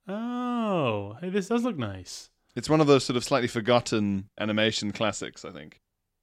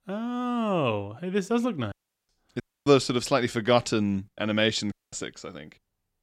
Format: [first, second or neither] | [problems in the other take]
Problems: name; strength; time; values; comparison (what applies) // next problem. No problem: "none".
first | audio cutting out; at 2 s, at 2.5 s and at 5 s